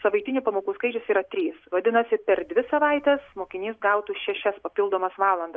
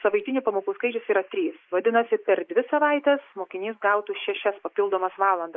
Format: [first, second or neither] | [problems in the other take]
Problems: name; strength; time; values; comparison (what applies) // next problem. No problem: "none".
first | noise reduction (neural mask model Resemble Enhance denoiser)